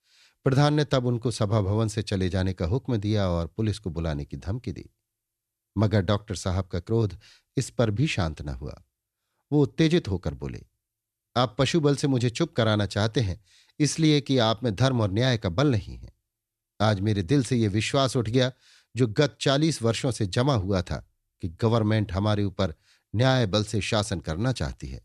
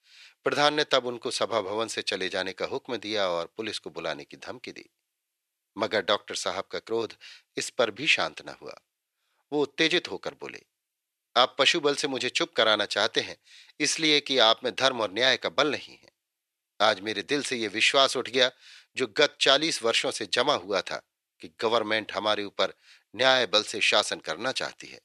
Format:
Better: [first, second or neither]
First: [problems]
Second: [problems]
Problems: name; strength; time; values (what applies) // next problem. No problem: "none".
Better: first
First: none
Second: thin; very; fading below 500 Hz